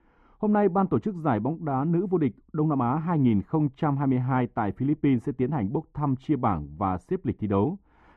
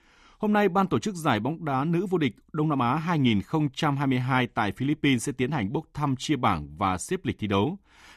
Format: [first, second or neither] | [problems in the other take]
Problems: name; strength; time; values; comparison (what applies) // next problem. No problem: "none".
second | muffled; very; fading above 2.5 kHz